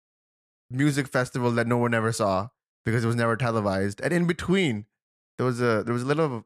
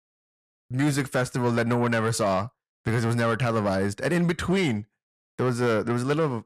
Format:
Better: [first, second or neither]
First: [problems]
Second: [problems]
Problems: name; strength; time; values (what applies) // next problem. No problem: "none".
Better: first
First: none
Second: distortion; slight; 10 dB below the speech